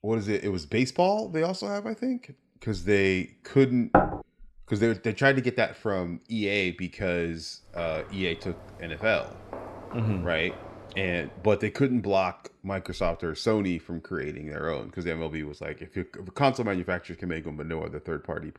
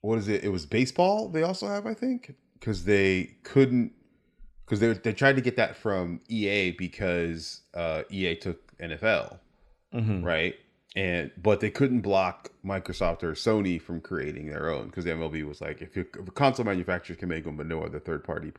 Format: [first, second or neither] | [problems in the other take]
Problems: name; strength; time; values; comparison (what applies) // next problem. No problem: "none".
second | door banging; loud; at 4 s; peak 5 dB above the speech // footsteps; faint; from 7.5 to 12 s; peak 10 dB below the speech